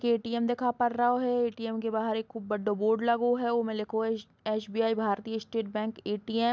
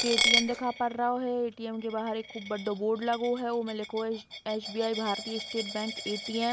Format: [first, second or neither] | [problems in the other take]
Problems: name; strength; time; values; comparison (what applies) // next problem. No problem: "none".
first | background sound (Coin (dropping)); 3 dB below the speech